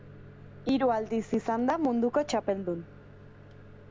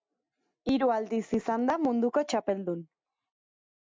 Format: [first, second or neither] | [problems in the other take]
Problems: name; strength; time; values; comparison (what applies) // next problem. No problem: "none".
second | background sound (Microwave oven); 18 dB below the speech